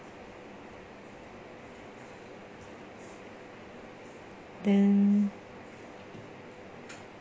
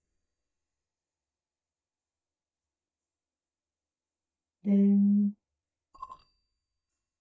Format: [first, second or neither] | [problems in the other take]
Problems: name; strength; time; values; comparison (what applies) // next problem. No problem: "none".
first | noise reduction (neural mask model DeepFilterNet 3)